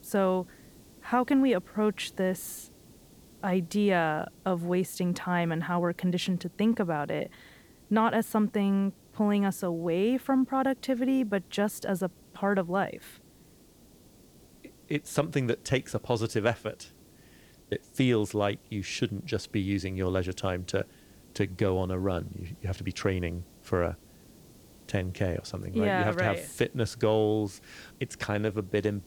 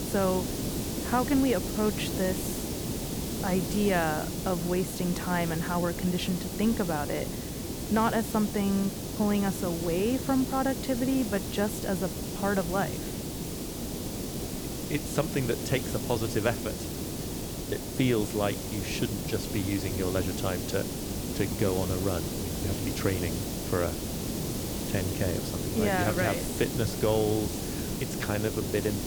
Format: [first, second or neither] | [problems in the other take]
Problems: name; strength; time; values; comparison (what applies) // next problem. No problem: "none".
first | hiss; loud; throughout; 3 dB below the speech; faint in the first